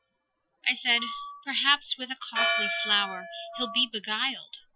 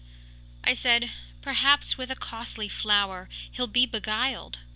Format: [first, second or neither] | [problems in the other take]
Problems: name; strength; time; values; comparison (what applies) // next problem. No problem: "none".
second | noise reduction (classical method Wiener filter)